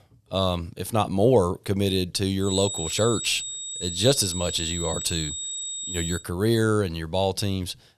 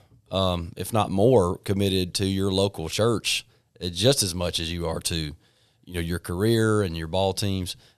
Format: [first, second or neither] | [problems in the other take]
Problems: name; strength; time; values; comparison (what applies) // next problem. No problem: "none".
second | high-pitched whine; loud; from 2.5 to 6 s; 8 kHz, 5 dB below the speech